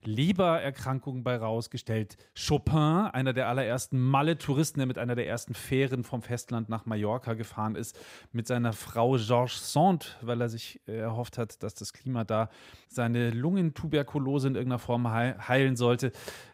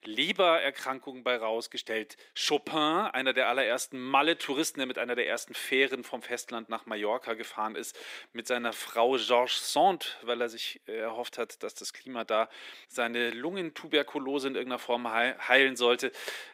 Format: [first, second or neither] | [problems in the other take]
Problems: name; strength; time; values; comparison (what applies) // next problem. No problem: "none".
first | thin; somewhat; fading below 300 Hz